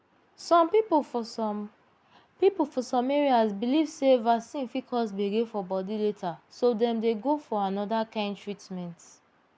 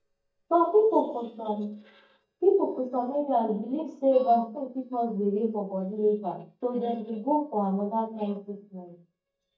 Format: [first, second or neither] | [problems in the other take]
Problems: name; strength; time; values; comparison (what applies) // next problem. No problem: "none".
first | noise reduction (neural mask model DeepFilterNet 3)